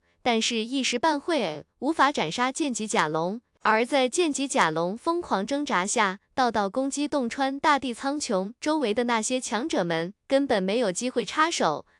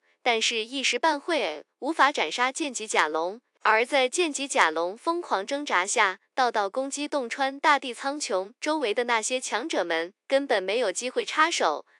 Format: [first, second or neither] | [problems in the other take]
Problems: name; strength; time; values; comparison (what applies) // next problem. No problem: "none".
first | thin; somewhat; fading below 300 Hz